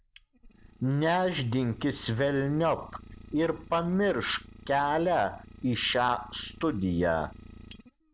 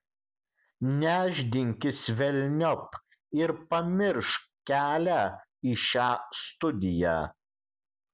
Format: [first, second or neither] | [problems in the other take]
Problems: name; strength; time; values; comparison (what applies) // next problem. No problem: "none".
second | background sound (Idling); 20 dB below the speech